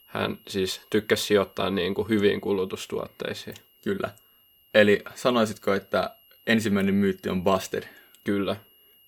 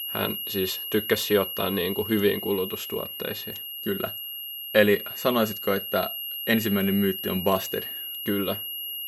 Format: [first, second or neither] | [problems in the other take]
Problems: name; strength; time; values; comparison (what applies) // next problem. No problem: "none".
first | high-pitched whine; loud; throughout; 3 kHz, 5 dB below the speech; faint in the first